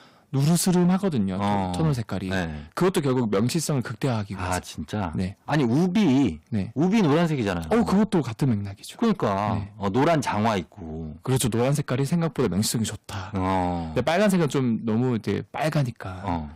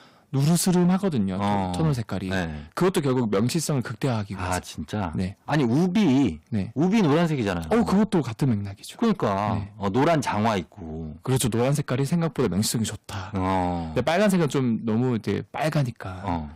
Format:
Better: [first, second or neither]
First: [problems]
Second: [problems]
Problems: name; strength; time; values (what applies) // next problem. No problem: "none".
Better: neither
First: distortion; slight; 8% of the sound clipped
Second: distortion; slight; 8% of the sound clipped